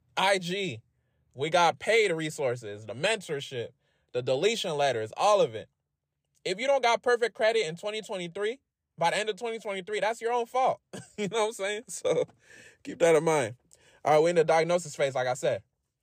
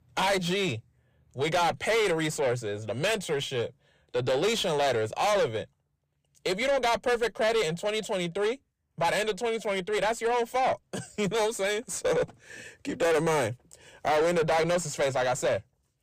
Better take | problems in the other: first | distortion; heavy; 6 dB below the speech

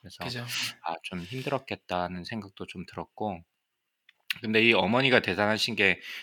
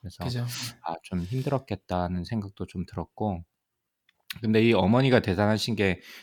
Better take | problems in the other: second | thin; very slightly; fading below 600 Hz

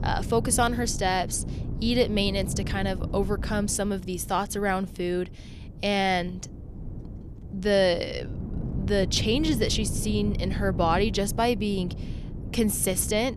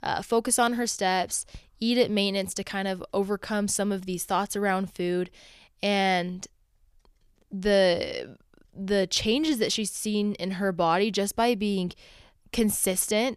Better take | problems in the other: second | wind noise on the microphone; occasional gusts; 15 dB below the speech

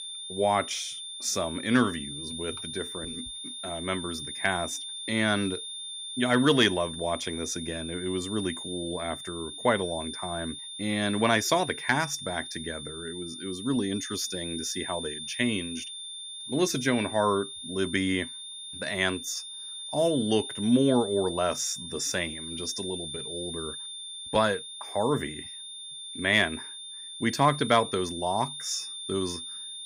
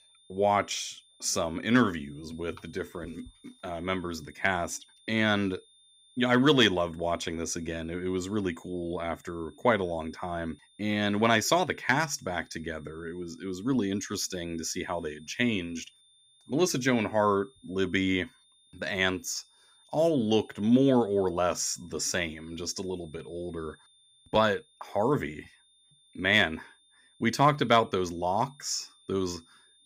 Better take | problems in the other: second | high-pitched whine; loud; throughout; 3.5 kHz, 8 dB below the speech; faint in the second

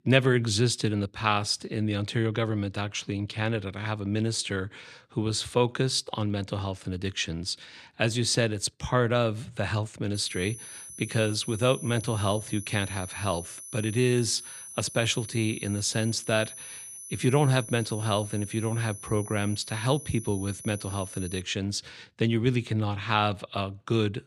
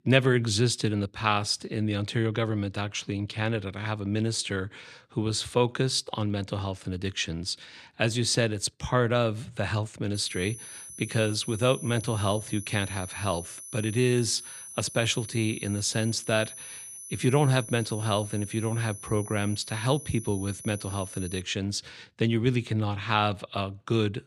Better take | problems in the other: neither | high-pitched whine; noticeable; from 10 to 21 s; 10 kHz, 10 dB below the speech; the same in both

